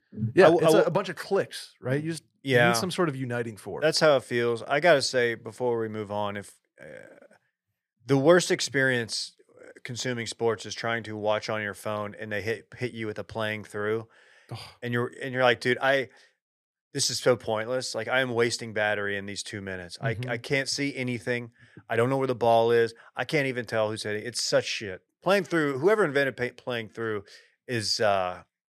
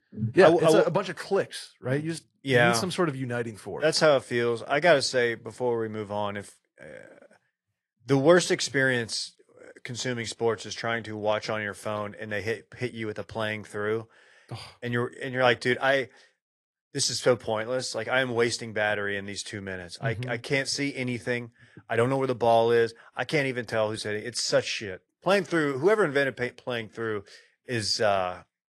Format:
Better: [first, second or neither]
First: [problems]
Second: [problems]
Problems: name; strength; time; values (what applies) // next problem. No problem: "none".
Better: first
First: none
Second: garbled, watery; slightly; nothing above 11.5 kHz